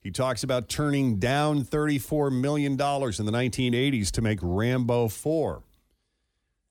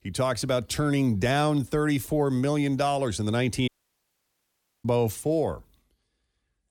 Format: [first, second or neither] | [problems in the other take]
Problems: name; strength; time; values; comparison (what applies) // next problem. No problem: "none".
first | audio cutting out; at 3.5 s for 1 s